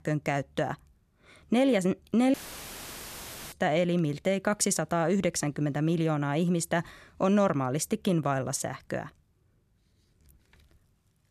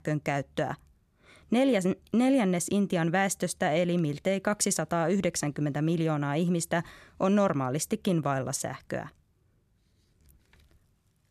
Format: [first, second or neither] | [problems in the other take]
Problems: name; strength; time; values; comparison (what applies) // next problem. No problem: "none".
second | audio cutting out; filled with static; at 2.5 s for 1 s